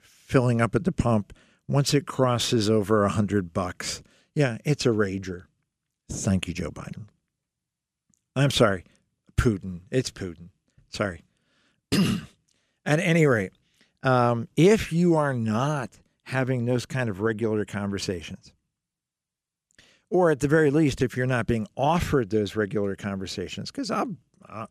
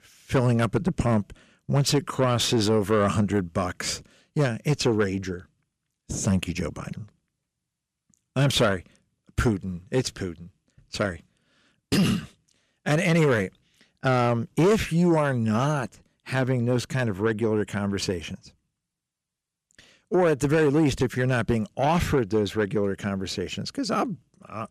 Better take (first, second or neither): first